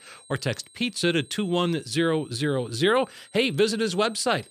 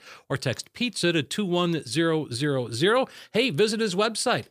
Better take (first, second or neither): second